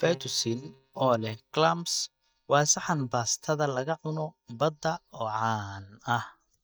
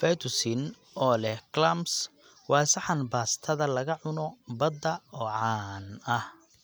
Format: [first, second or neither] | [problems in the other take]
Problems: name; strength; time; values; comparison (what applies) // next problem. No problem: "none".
second | noise reduction (neural mask model DeepFilterNet 3)